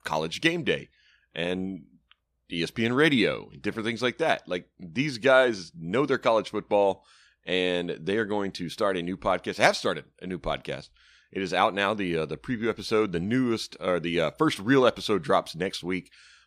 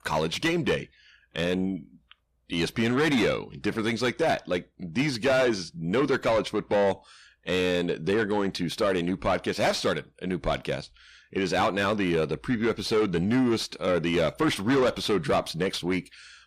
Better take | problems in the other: first | distortion; heavy; 6 dB below the speech

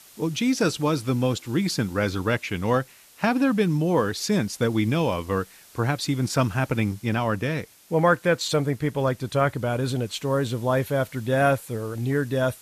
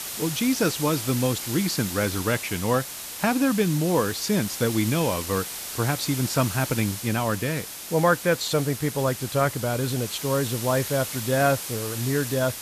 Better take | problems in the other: first | hiss; loud; throughout; 7 dB below the speech; faint in the first

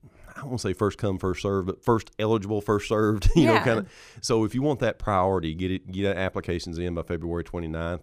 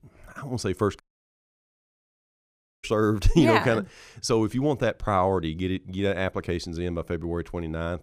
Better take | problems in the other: first | audio cutting out; at 1 s for 2 s

